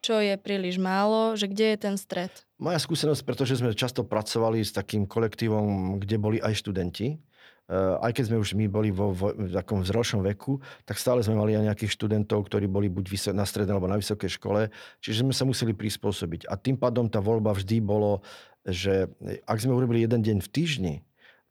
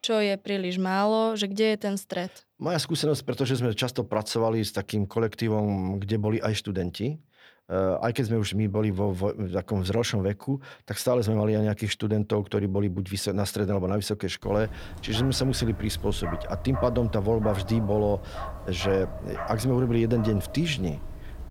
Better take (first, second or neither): first